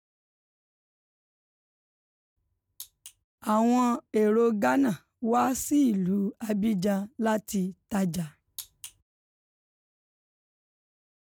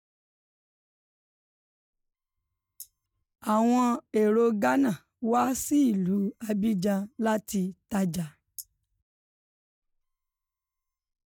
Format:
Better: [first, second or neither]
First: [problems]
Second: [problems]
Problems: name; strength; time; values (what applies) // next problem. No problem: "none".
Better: first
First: none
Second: noise reduction (neural mask model DeepFilterNet 3)